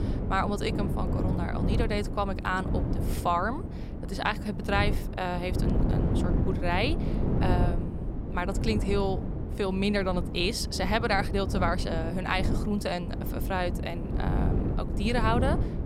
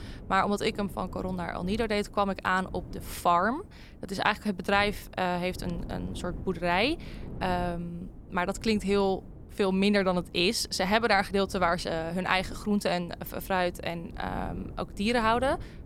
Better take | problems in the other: second | wind noise on the microphone; heavy; 8 dB below the speech; occasional gusts in the second

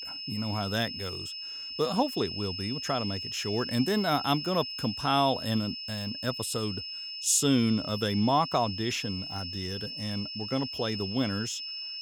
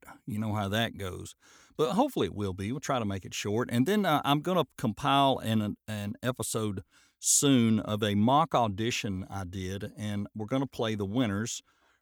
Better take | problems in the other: second | high-pitched whine; loud; throughout; 5 kHz, 6 dB below the speech

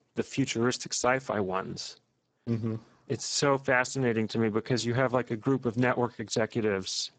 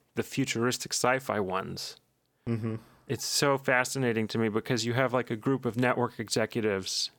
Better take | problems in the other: second | garbled, watery; badly; nothing above 7.5 kHz

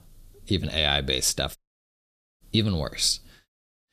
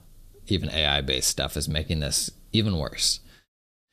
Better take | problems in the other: second | audio cutting out; at 1.5 s for 1 s

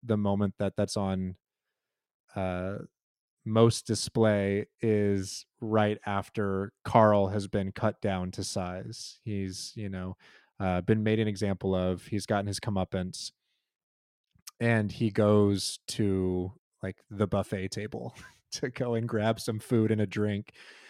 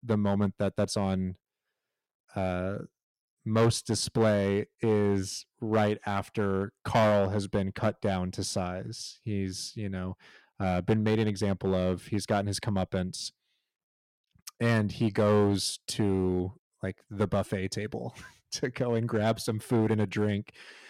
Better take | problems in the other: first | distortion; slight; 3% of the sound clipped

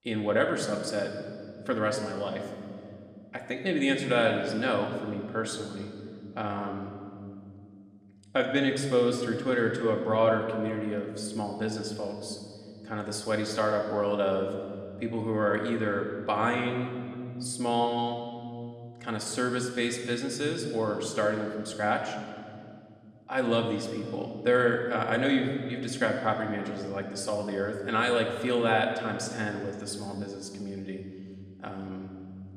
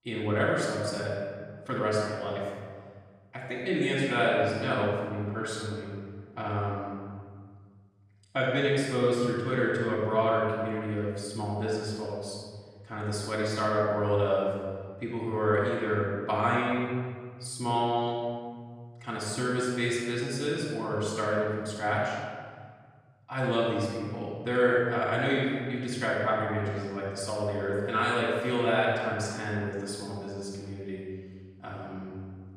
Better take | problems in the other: first | room echo; strong; dies away in 1.8 s; slight in the first // off-mic speech; far; somewhat distant in the first

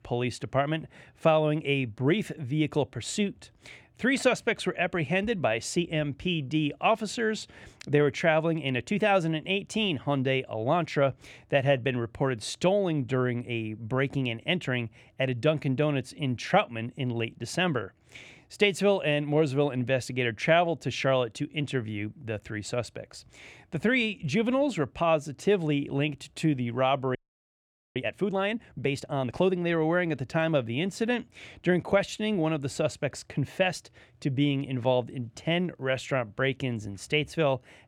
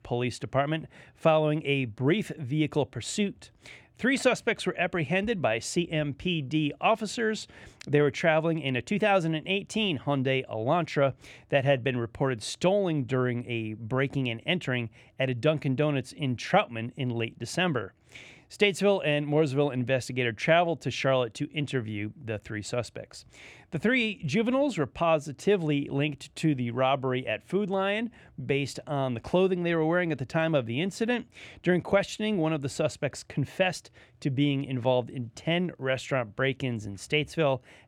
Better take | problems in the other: second | audio freezing; at 27 s for 1 s

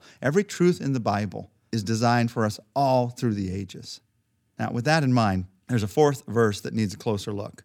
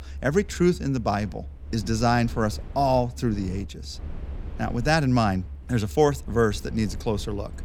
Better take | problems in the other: first | low rumble; faint; throughout; 25 dB below the speech

